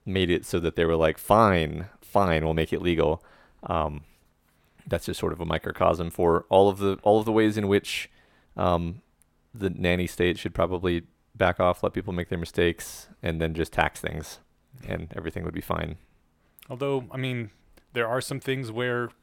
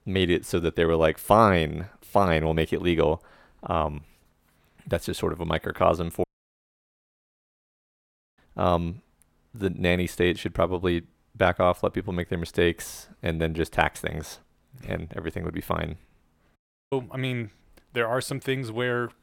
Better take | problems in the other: first | audio cutting out; at 6 s for 2 s and at 17 s

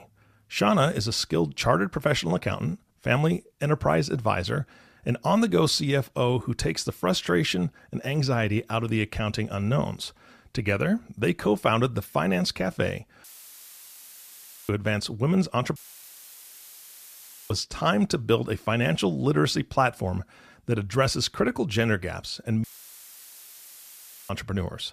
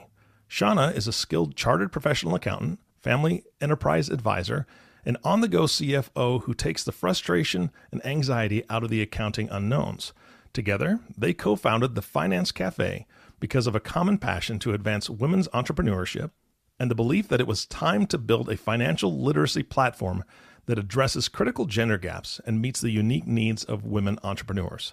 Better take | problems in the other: second | audio cutting out; filled with static; at 13 s for 1.5 s, at 16 s for 1.5 s and at 23 s for 1.5 s

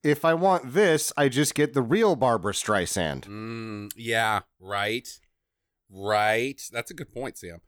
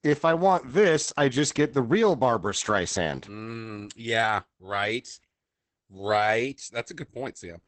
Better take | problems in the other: first | garbled, watery; badly; nothing above 8 kHz

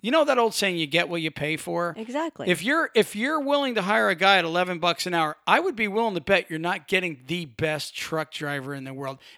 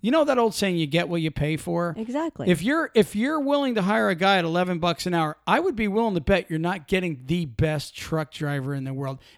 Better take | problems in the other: second | thin; very slightly; fading below 450 Hz

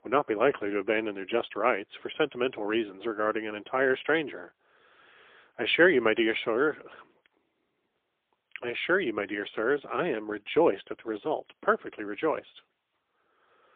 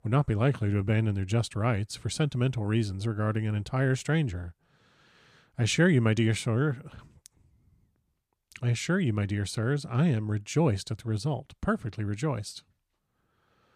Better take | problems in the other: second | phone-call audio; poor line; nothing above 3 kHz

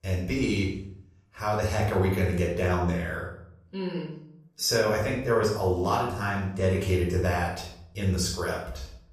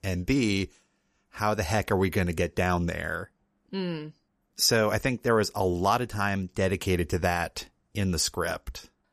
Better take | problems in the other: second | off-mic speech; far // room echo; noticeable; dies away in 0.6 s

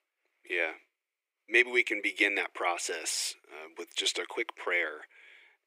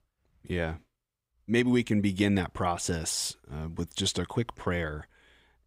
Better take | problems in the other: second | thin; very; fading below 350 Hz

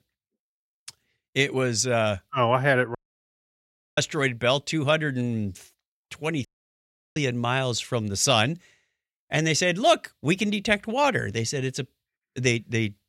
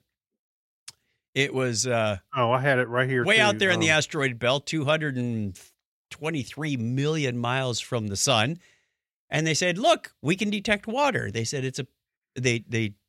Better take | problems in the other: second | audio cutting out; at 3 s for 1 s and at 6.5 s for 0.5 s

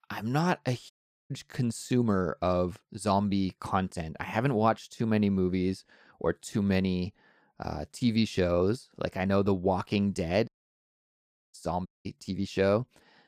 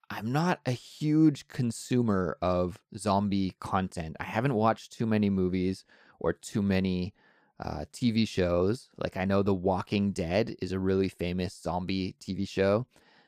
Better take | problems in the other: second | audio cutting out; at 1 s, at 10 s for 1 s and at 12 s

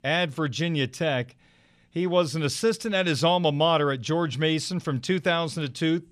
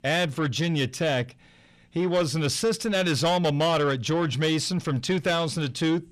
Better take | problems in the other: first | distortion; slight; 10 dB below the speech

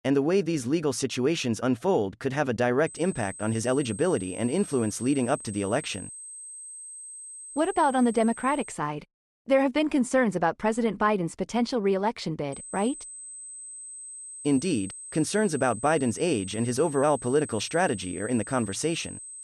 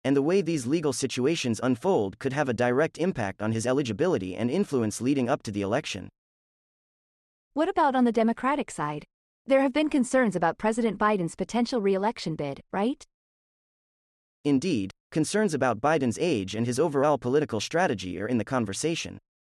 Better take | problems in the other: second | high-pitched whine; noticeable; from 3 to 8.5 s and from 13 s on; 8 kHz, 10 dB below the speech

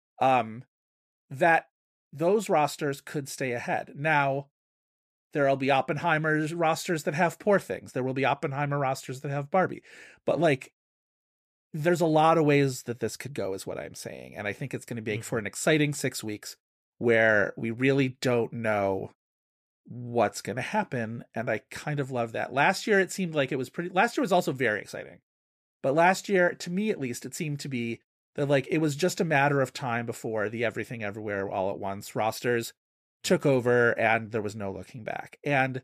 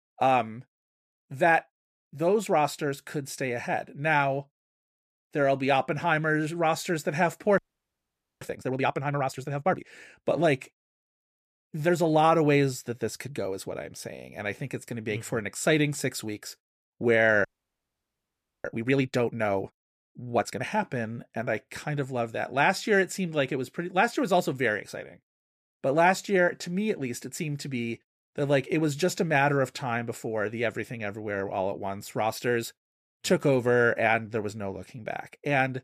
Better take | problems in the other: first | audio freezing; at 7.5 s for 1 s and at 17 s for 1 s

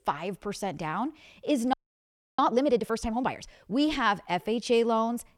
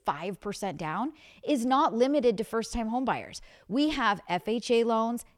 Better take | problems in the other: second | audio freezing; at 1.5 s for 0.5 s

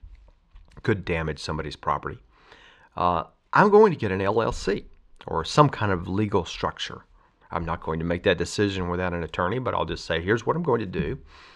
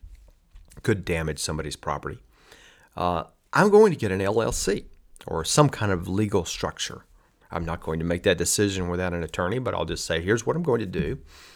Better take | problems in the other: second | muffled; slightly; fading above 3.5 kHz

